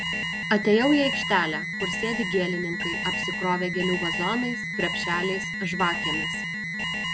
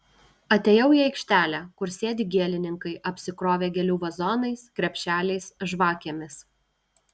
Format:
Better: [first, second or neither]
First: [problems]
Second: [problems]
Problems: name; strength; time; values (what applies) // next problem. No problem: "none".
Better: second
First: background sound (Alarm); 2 dB below the speech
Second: none